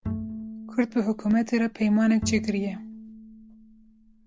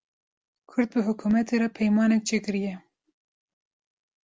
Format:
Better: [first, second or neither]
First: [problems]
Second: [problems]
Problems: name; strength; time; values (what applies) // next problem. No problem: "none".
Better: second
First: background sound (Bowed string instrument); 10 dB below the speech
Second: none